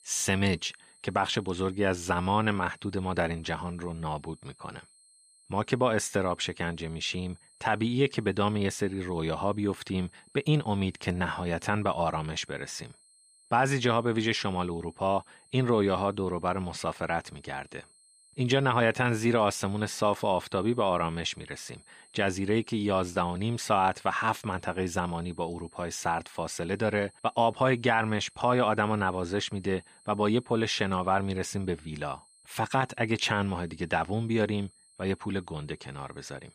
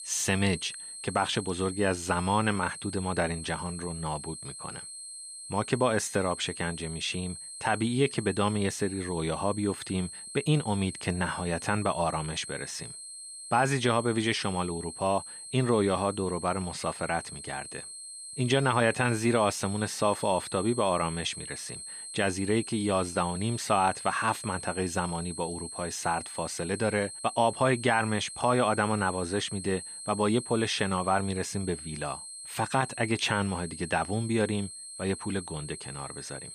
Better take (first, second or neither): first